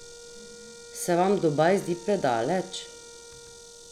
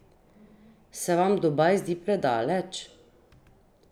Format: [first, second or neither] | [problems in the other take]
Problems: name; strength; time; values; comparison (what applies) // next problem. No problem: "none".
second | background sound (Insect + Wind instrument, woodwind instrument); 18 dB below the speech